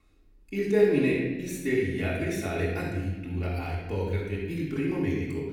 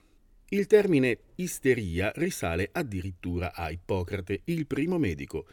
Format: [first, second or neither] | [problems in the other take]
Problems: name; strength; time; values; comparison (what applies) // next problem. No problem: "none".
second | room echo; noticeable; dies away in 1.1 s // off-mic speech; far